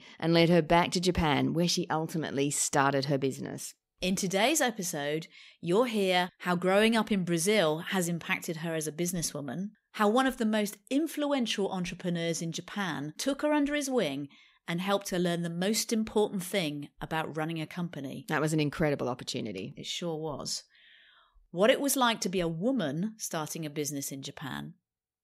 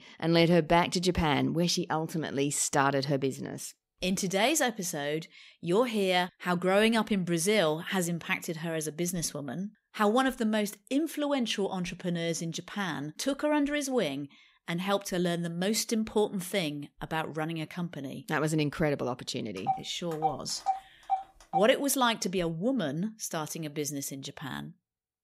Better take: first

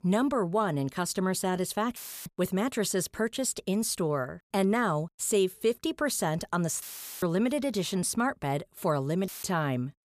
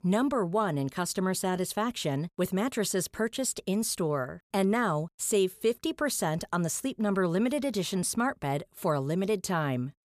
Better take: second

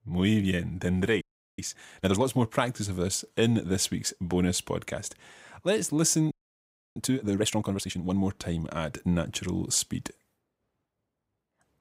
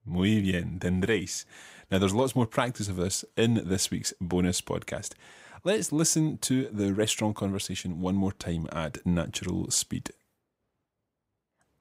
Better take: second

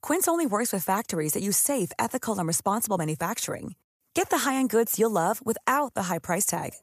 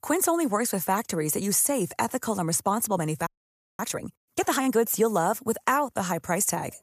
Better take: first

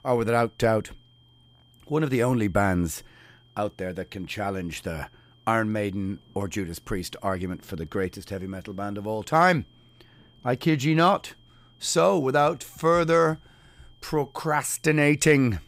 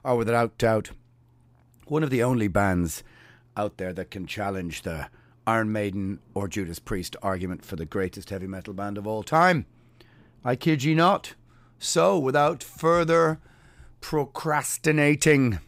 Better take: second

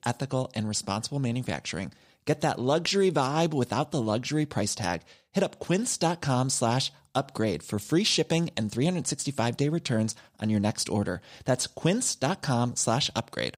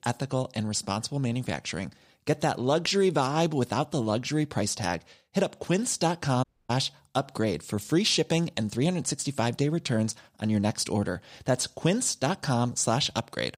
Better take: first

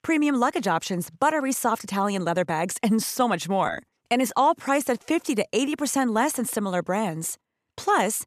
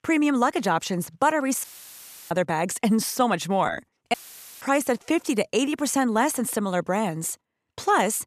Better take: first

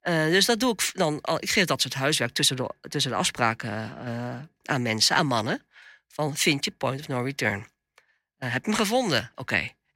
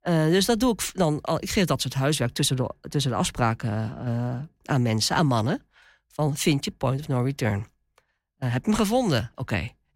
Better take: second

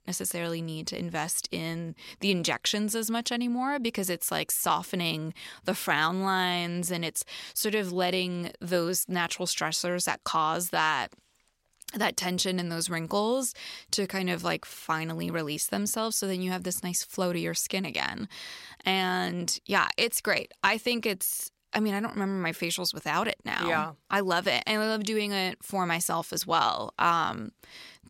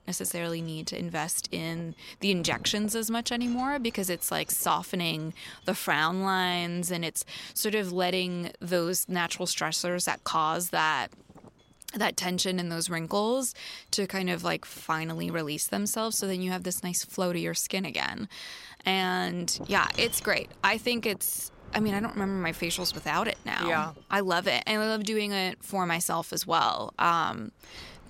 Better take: first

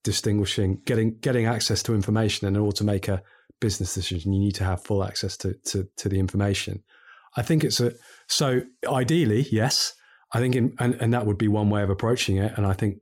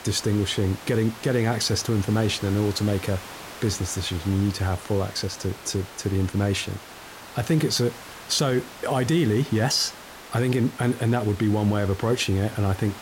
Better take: first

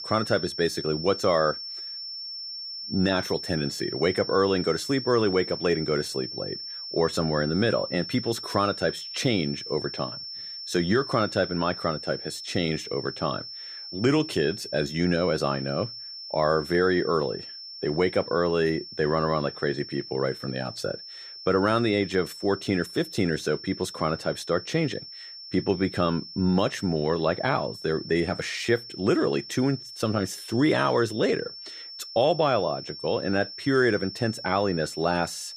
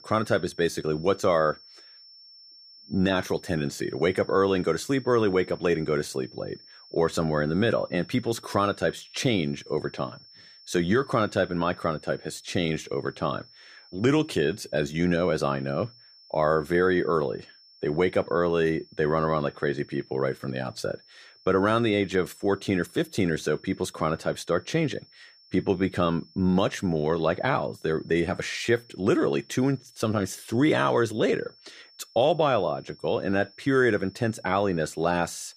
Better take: second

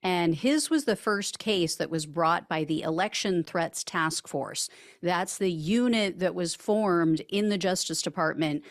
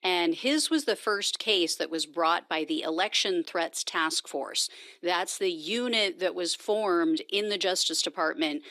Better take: first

